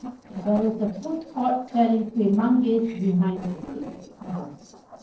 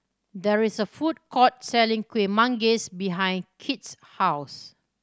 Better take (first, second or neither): second